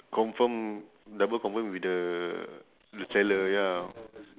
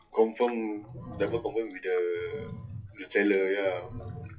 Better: first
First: none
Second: noise reduction (classical method WPE with log-MMSE)

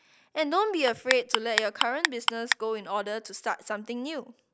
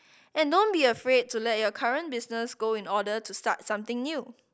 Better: second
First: background sound (Clock); as loud as the speech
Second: none

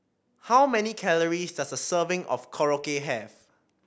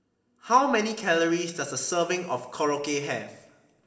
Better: first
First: none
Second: room echo; dies away in 1.2 s

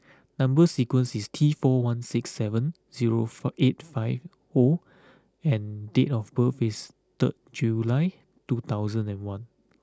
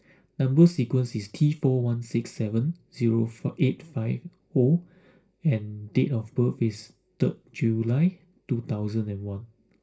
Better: first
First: none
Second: room echo; dies away in 0.2 s

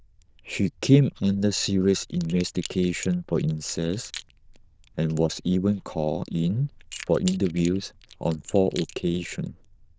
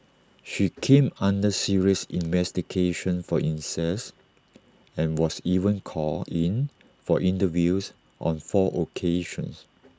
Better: second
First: noise reduction (neural diffusion model UNIVERSE++)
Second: none

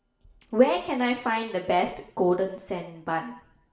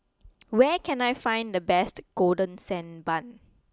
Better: second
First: room echo; dies away in 0.7 s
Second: none

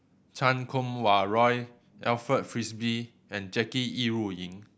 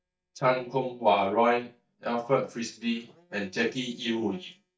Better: first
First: none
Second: noise reduction (neural mask model DeepFilterNet 3)

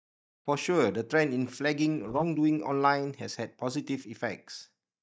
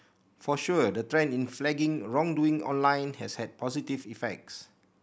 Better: second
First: noise reduction (neural mask model DeepFilterNet 3)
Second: none

